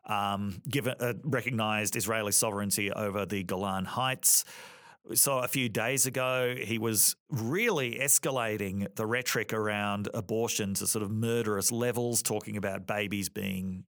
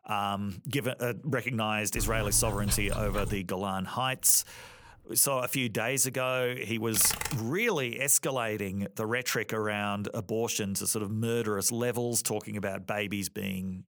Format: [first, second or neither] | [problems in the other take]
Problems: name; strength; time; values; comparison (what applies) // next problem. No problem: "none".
first | dog barking; noticeable; from 2 to 3.5 s; peak 6 dB below the speech // jangling keys; noticeable; at 4.5 s; peak 2 dB below the speech // keyboard typing; noticeable; at 7 s; peak 3 dB below the speech